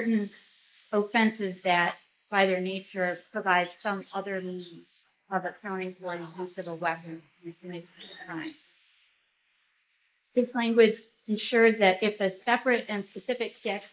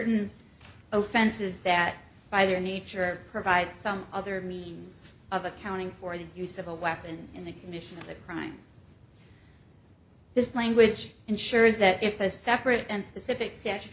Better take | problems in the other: second | noise reduction (neural mask model Resemble Enhance denoiser)

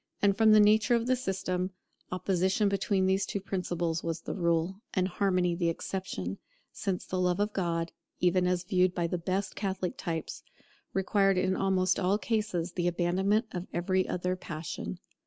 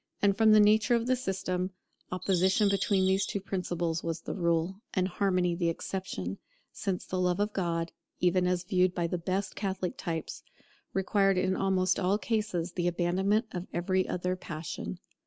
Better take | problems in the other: first | background sound (Bird vocalization, bird call, bird song); 8 dB below the speech

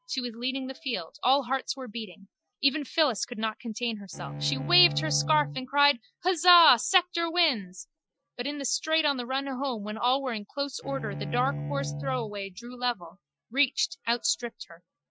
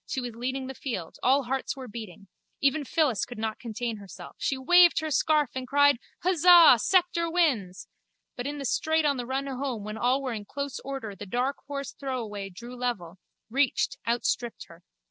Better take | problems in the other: second | noise reduction (classical method Wiener filter)

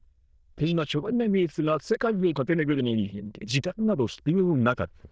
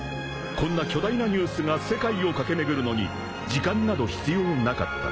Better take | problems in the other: second | noise reduction (neural diffusion model UNIVERSE++)

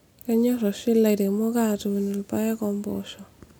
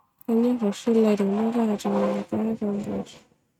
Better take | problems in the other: first | noise reduction (neural mask model RNNoise)

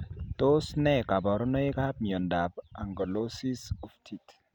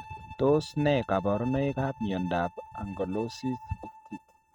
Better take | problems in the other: first | noise reduction (neural mask model RNNoise)

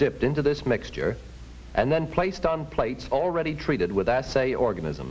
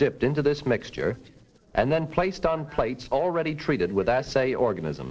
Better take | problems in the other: first | noise reduction (neural separator model SepFormer DNS4)

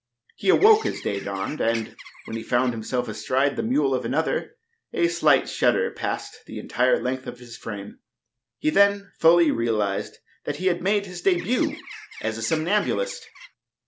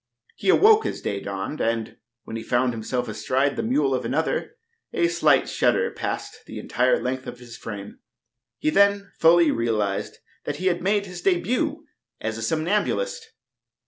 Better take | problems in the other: second | background sound (Bird); 16 dB below the speech

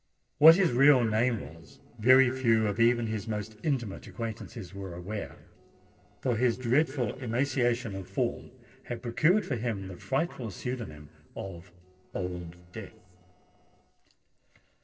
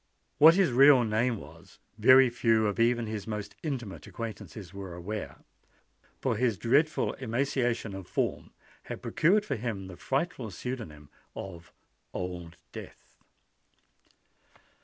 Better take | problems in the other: second | noise reduction (neural separator model SepFormer DNS4)

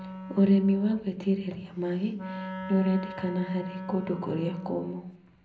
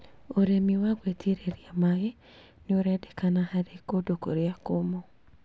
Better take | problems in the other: second | background sound (Wind instrument, woodwind instrument); 11 dB below the speech // room echo; dies away in 0.4 s

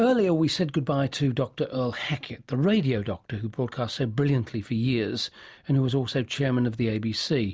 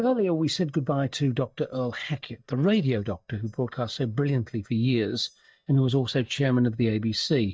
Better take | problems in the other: first | noise reduction (neural mask model DeepFilterNet 3)

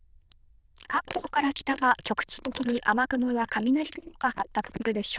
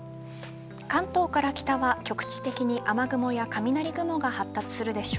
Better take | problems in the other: second | noise reduction (neural diffusion model UNIVERSE++)

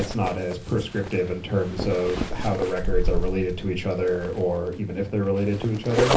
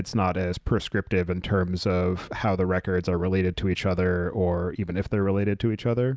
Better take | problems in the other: second | background sound (Zipper (clothing)); 3 dB below the speech // room echo; dies away in 0.3 s

